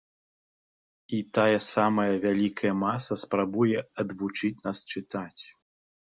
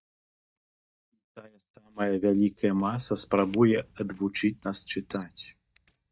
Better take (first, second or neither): first